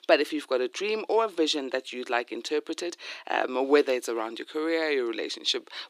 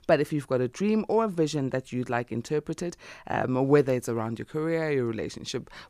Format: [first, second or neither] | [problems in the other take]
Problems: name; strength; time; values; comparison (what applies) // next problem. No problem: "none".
second | thin; somewhat; fading below 300 Hz